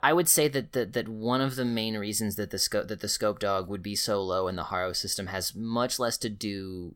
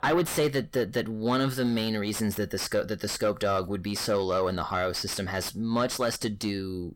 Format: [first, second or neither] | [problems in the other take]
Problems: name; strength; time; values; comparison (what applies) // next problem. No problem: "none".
first | distortion; heavy; 7 dB below the speech